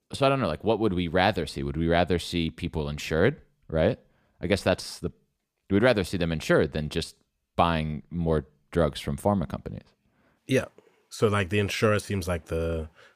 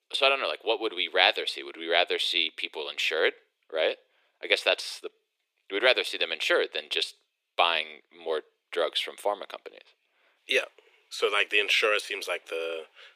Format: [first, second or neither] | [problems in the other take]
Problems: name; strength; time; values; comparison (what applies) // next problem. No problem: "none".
first | thin; very; fading below 350 Hz